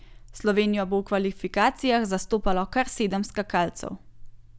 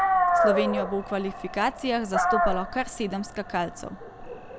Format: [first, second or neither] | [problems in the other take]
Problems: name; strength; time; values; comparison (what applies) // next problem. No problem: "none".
first | background sound (Dog); 2 dB above the speech